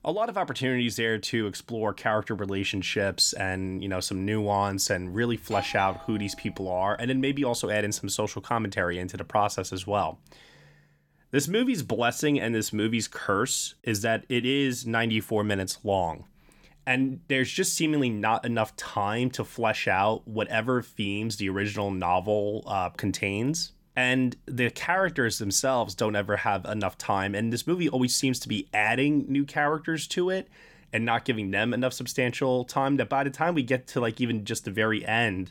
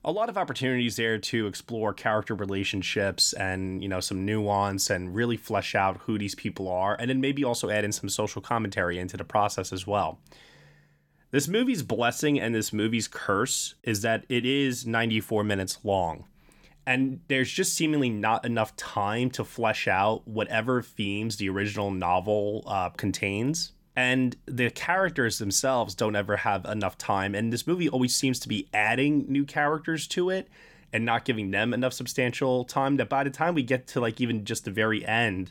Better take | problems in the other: second | doorbell; noticeable; from 5 to 7 s; peak 9 dB below the speech

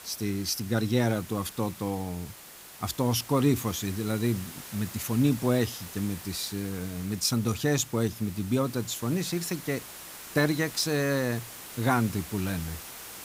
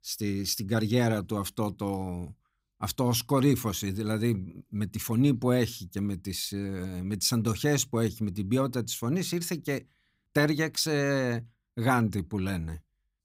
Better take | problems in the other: second | hiss; noticeable; throughout; 15 dB below the speech

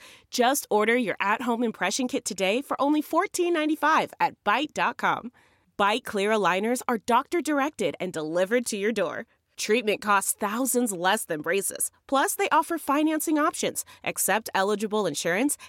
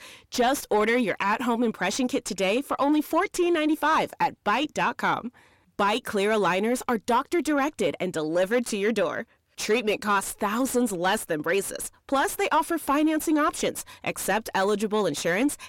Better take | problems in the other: first | distortion; slight; 10 dB below the speech

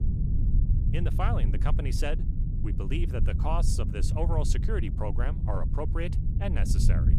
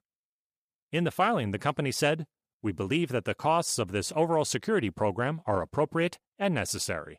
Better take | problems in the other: second | low rumble; loud; throughout; 7 dB below the speech

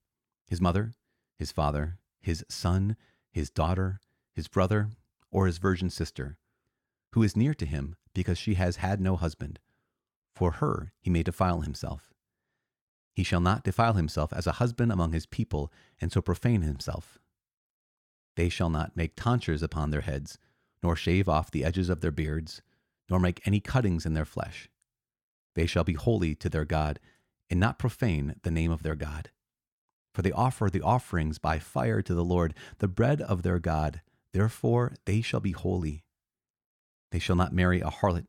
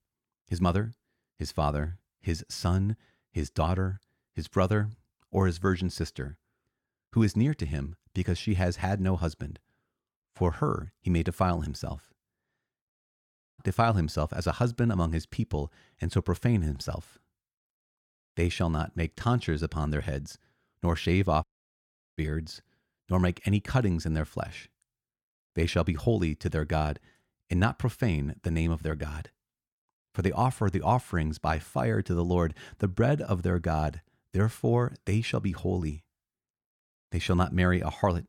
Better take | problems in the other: first | audio cutting out; at 13 s for 0.5 s and at 21 s for 0.5 s

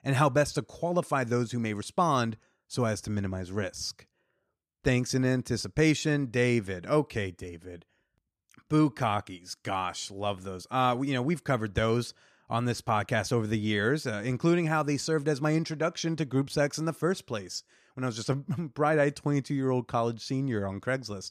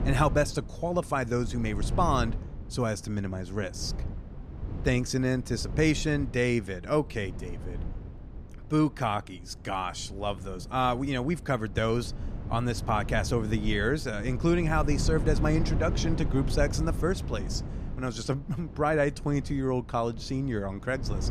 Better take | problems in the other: first | wind noise on the microphone; occasional gusts; 15 dB below the speech

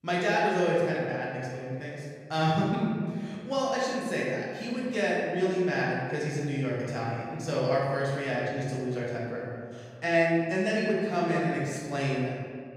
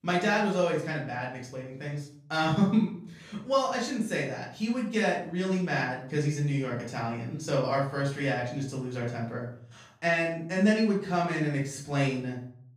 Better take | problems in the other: second | room echo; strong; dies away in 1.8 s; slight in the second // off-mic speech; far; far in the second

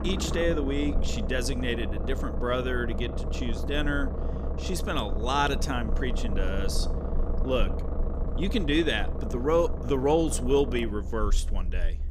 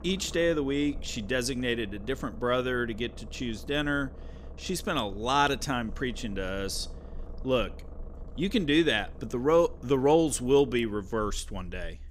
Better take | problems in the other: second | low rumble; loud; throughout; 10 dB below the speech; faint in the second

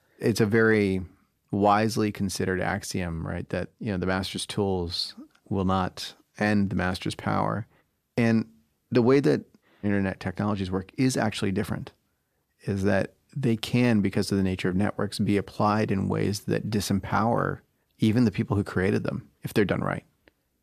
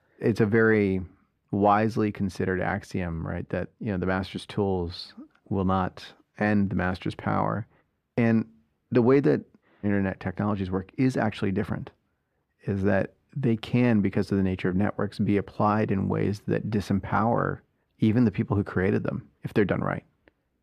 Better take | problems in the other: first | muffled; slightly; fading above 3.5 kHz

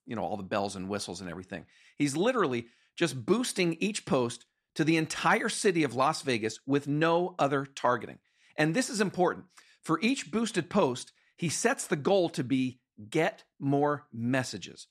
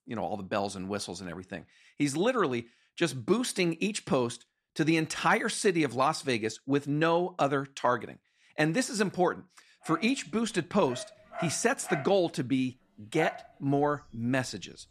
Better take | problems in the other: first | animal sounds; noticeable; from 10 s on; 10 dB below the speech

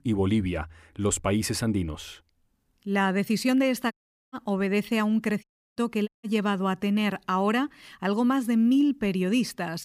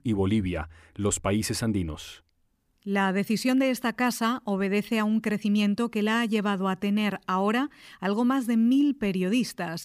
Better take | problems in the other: second | audio cutting out; at 4 s, at 5.5 s and at 6 s

